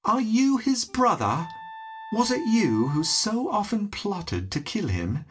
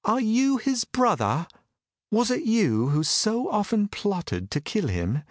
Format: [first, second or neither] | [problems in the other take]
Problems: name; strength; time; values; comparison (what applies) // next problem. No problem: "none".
second | background sound (Wind instrument, woodwind instrument); 18 dB below the speech // room echo; dies away in 0.2 s